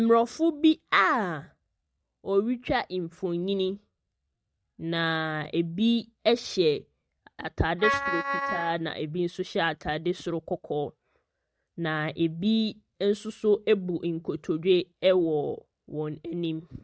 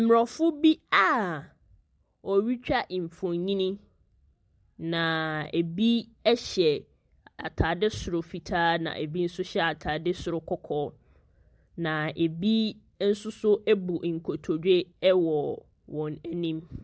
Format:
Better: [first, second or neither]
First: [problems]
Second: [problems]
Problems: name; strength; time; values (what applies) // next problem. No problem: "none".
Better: second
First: noise reduction (neural mask model RNNoise)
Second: none